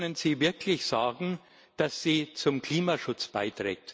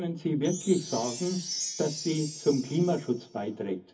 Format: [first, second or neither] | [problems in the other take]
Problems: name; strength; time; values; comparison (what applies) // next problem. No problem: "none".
first | background sound (Chime); 10 dB below the speech // room echo; dies away in 0.3 s